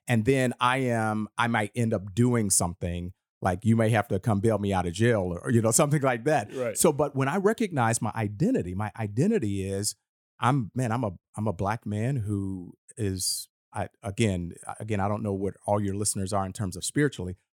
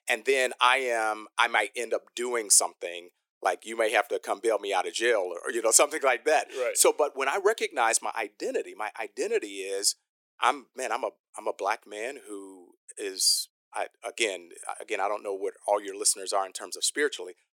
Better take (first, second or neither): first